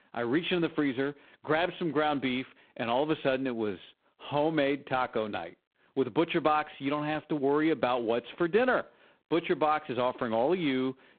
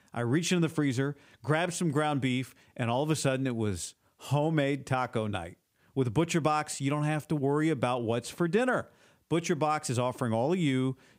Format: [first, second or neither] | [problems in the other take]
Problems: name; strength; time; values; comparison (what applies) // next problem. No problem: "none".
second | phone-call audio; poor line